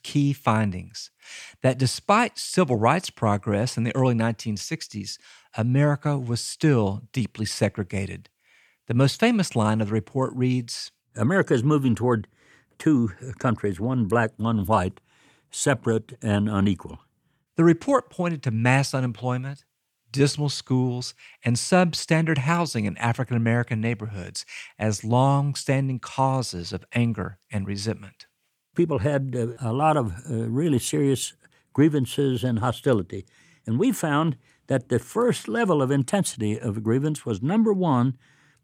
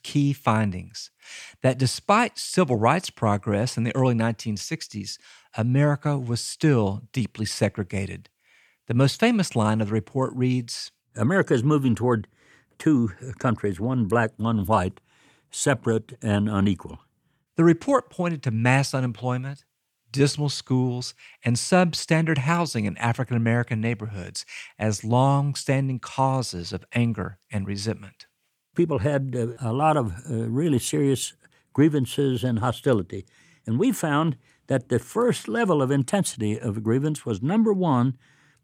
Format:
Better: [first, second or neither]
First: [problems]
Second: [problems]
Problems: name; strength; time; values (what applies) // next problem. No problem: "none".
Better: neither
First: none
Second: none